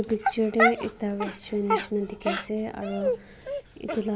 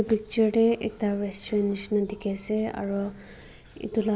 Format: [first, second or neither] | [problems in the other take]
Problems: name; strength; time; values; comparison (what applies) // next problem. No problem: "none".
second | background sound (Dog); 1 dB below the speech